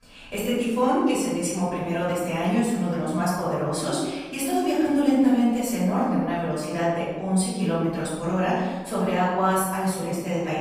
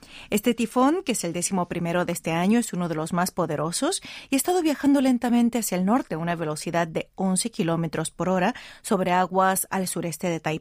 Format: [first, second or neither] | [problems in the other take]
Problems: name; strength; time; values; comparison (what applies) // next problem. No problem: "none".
second | off-mic speech; far // room echo; strong; dies away in 1.2 s